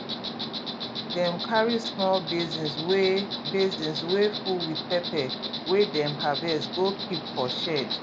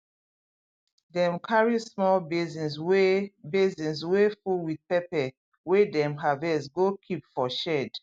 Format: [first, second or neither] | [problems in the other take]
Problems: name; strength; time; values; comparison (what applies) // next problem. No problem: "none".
second | background sound (Insect); 5 dB below the speech